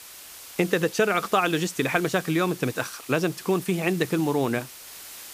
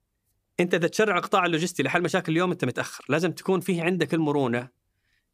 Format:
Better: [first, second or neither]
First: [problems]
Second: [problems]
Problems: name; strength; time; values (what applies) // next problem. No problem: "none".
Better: second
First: hiss; noticeable; throughout; 15 dB below the speech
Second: none